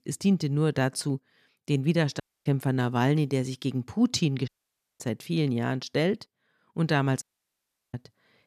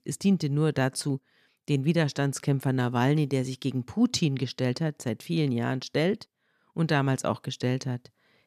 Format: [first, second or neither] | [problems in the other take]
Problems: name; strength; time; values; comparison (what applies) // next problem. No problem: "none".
second | audio cutting out; at 2 s, at 4.5 s for 0.5 s and at 7 s for 0.5 s